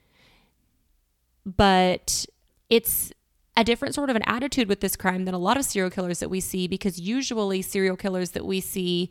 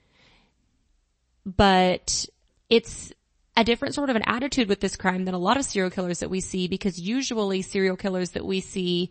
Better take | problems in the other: first | garbled, watery; slightly; nothing above 8 kHz

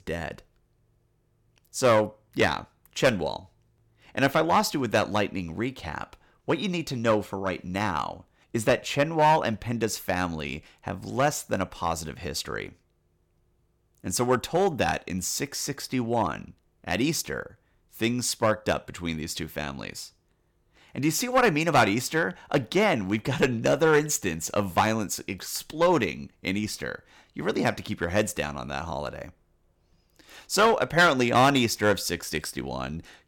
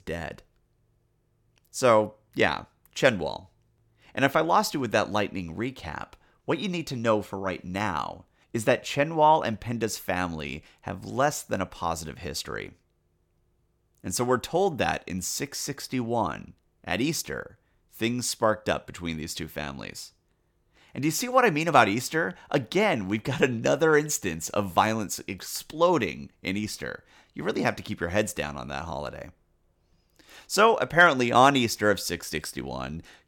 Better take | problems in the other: second | distortion; slight; 1.7% of the sound clipped

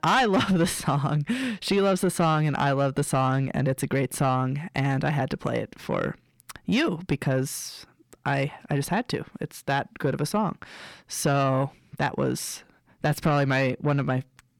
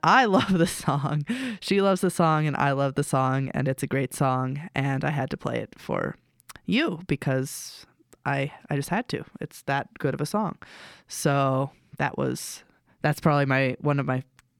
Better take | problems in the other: second | distortion; slight; 10 dB below the speech

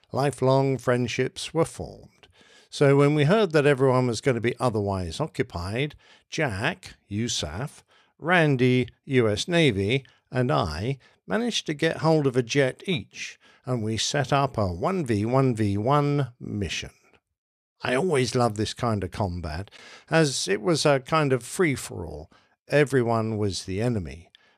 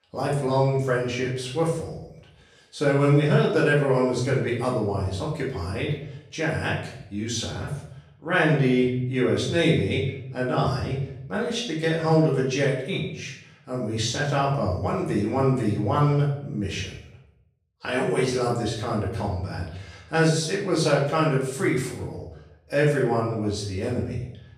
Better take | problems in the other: first | room echo; noticeable; dies away in 0.6 s // off-mic speech; far

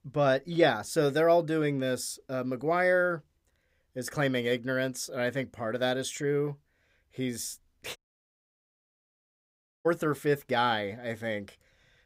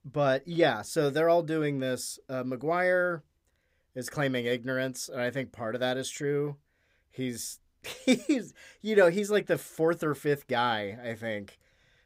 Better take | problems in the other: second | audio cutting out; at 8 s for 2 s

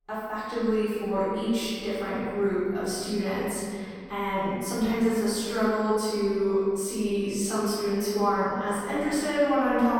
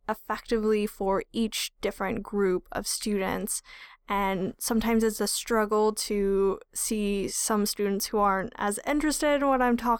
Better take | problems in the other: second | off-mic speech; far // room echo; strong; dies away in 2.2 s

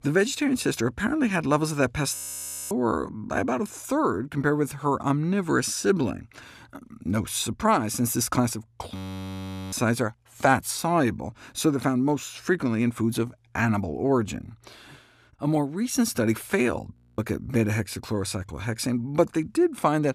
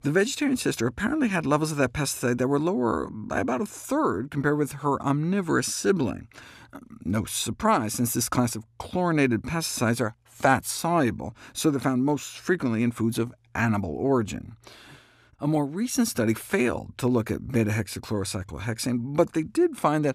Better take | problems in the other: second | audio freezing; at 2 s for 0.5 s, at 9 s for 1 s and at 17 s

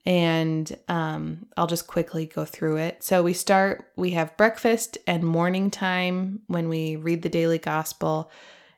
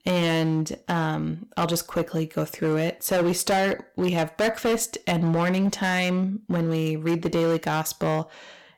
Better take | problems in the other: first | distortion; heavy; 12% of the sound clipped

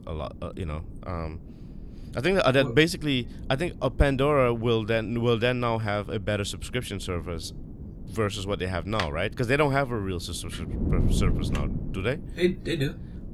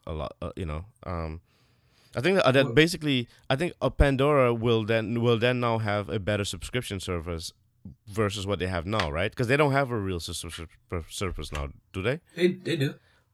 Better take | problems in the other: second | wind noise on the microphone; occasional gusts; 20 dB below the speech

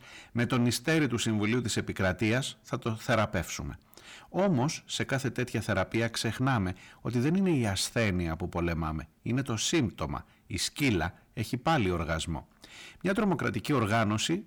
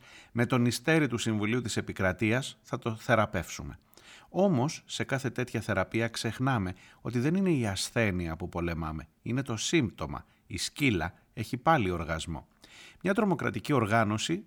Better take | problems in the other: second | distortion; slight; 10 dB below the speech

